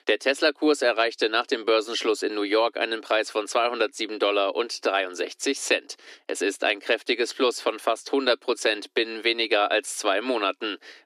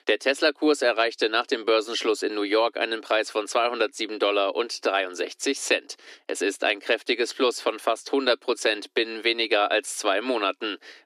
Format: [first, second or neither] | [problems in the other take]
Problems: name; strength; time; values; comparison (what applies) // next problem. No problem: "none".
neither | thin; somewhat; fading below 300 Hz; the same in both